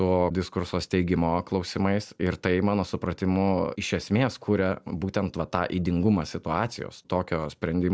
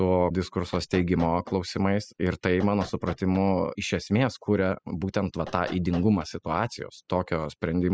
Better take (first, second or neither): first